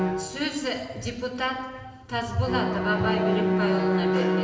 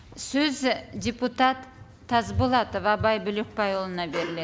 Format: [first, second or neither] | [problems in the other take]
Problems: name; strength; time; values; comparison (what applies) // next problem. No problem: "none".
second | background sound (Bowed string instrument); 2 dB above the speech // room echo; dies away in 1.3 s